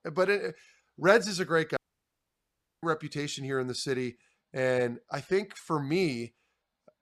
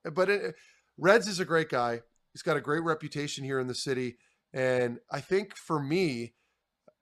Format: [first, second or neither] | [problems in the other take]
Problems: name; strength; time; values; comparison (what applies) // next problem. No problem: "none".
second | audio cutting out; at 2 s for 1 s